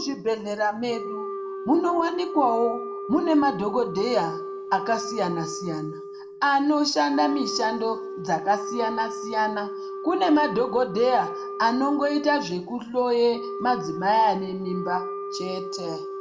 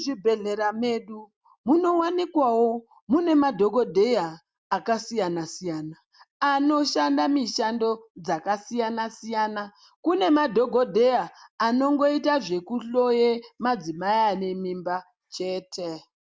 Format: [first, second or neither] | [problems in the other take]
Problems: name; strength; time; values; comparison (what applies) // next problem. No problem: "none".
second | background sound (Wind instrument, woodwind instrument); 9 dB below the speech // room echo; dies away in 0.3 s